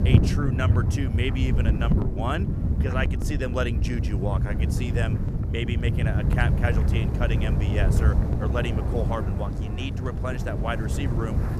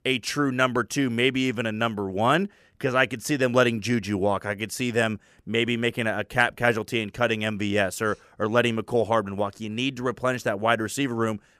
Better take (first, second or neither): second